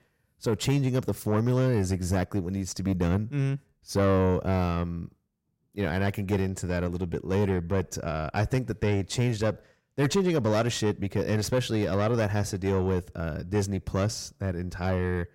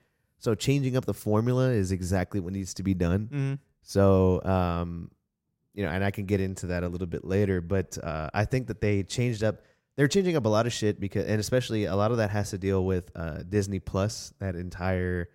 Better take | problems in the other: second | distortion; slight; 10 dB below the speech

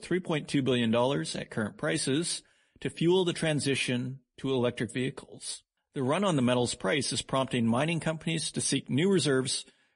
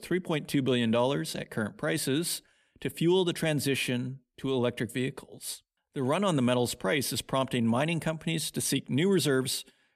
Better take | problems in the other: second | garbled, watery; slightly; nothing above 10.5 kHz

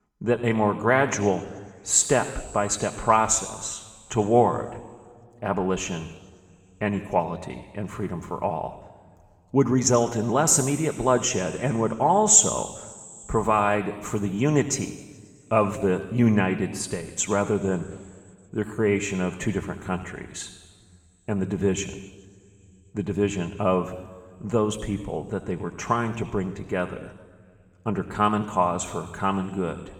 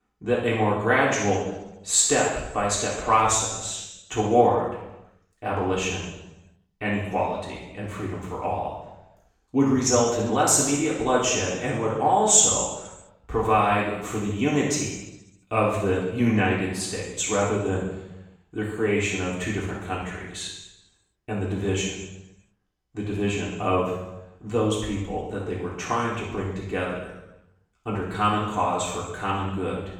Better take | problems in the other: first | room echo; strong; dies away in 0.8 s; slight in the first // off-mic speech; far

